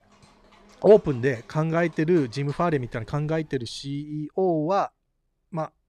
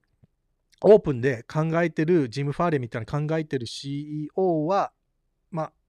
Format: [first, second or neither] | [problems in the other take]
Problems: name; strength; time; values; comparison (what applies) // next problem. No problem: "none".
second | animal sounds; faint; until 3.5 s; 30 dB below the speech